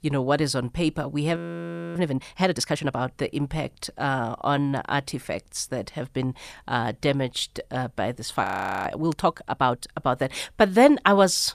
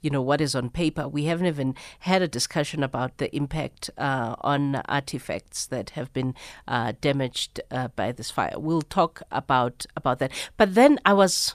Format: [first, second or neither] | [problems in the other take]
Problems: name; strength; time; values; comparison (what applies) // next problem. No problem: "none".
second | audio freezing; at 1.5 s for 0.5 s and at 8.5 s